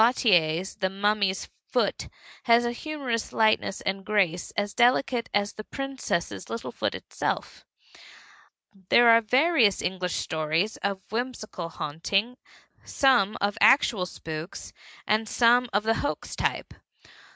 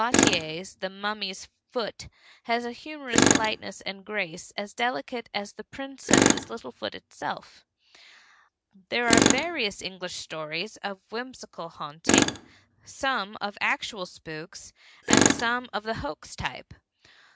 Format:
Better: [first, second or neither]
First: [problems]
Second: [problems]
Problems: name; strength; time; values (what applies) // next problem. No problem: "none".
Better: first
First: none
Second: background sound (Tools); 3 dB above the speech